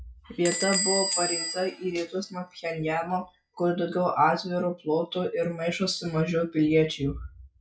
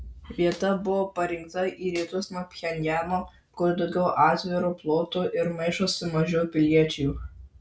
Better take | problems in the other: second | noise reduction (classical method log-MMSE)

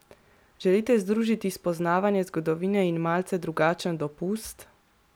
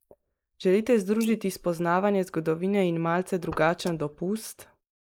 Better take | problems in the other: first | noise reduction (neural mask model Resemble Enhance denoiser)

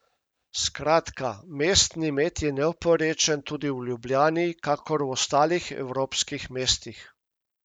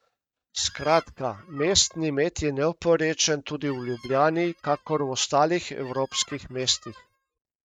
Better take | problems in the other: first | noise reduction (neural mask model RNNoise)

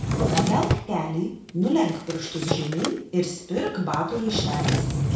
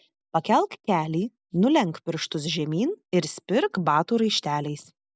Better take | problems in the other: second | background sound (Drawer open or close); 1 dB below the speech // room echo; dies away in 0.5 s

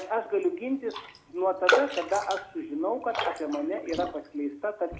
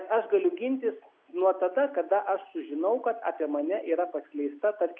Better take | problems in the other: second | background sound (Raindrop); 4 dB below the speech // room echo; dies away in 0.2 s

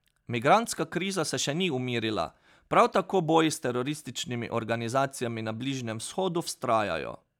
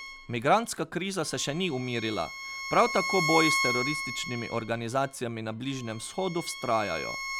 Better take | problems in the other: first | background sound (Bowed string instrument); 5 dB below the speech

